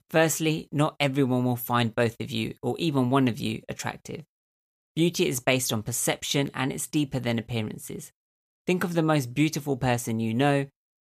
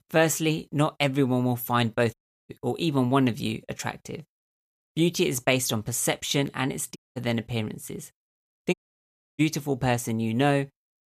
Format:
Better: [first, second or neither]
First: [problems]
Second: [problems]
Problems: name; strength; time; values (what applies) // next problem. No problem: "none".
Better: first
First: none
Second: audio cutting out; at 2 s, at 7 s and at 8.5 s for 0.5 s